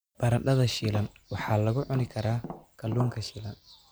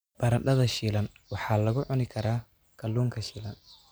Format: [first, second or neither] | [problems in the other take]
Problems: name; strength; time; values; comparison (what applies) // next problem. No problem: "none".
second | background sound (Tap); 13 dB below the speech